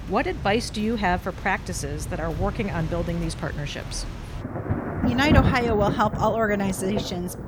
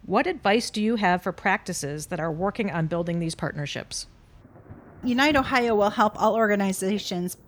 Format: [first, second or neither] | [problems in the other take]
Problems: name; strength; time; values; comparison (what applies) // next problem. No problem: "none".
second | rain or running water; loud; throughout; 4 dB below the speech; faint in the second